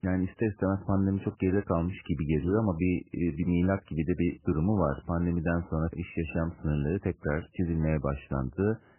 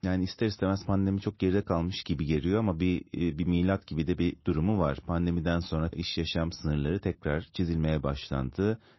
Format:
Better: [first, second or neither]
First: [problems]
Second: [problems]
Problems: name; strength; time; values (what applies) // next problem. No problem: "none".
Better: second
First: garbled, watery; badly; nothing above 2.5 kHz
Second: garbled, watery; slightly; nothing above 5.5 kHz